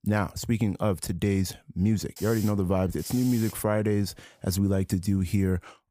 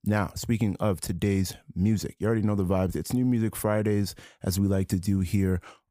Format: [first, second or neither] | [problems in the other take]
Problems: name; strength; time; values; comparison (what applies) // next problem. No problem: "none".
second | hiss; noticeable; from 2 to 4.5 s; 15 dB below the speech